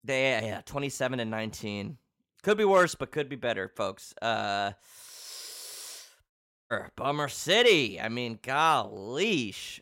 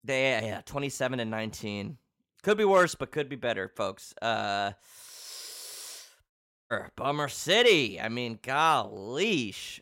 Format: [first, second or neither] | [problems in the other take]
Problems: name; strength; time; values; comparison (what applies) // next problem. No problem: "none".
neither | audio cutting out; at 6.5 s; the same in both